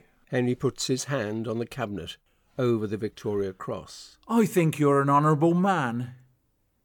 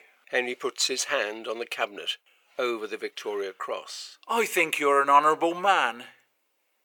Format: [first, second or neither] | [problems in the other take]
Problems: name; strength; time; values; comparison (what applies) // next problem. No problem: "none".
first | thin; very; fading below 500 Hz